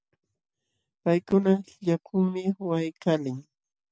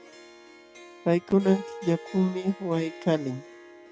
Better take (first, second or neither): first